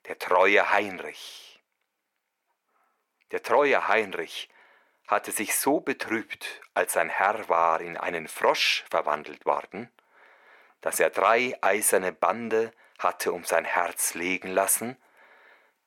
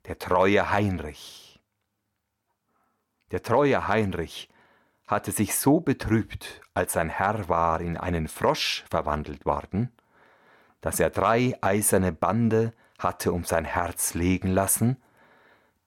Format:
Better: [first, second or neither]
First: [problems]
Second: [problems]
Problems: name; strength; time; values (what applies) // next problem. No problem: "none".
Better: second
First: thin; somewhat; fading below 500 Hz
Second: none